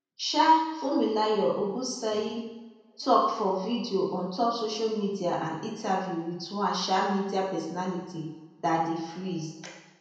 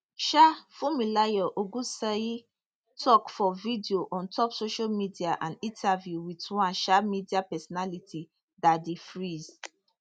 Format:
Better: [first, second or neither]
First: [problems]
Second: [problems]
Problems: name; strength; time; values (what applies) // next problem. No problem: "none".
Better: second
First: room echo; dies away in 0.8 s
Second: none